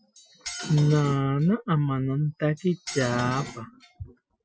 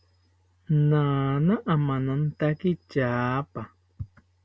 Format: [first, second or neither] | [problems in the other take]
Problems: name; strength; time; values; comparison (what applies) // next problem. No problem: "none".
second | noise reduction (classical method Wiener filter)